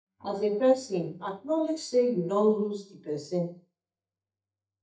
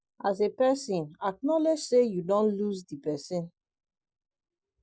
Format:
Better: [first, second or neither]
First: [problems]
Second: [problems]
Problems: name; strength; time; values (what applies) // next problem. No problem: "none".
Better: second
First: noise reduction (neural mask model DeepFilterNet 3)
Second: none